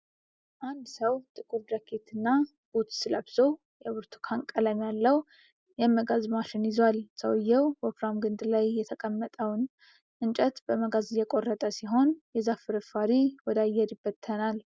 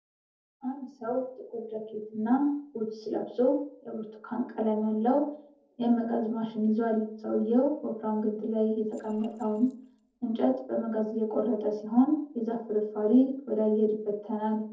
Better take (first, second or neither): first